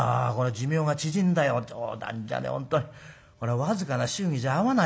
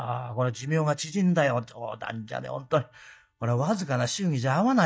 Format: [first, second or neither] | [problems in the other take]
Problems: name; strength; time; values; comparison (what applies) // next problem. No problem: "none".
first | noise reduction (neural mask model DeepFilterNet 3)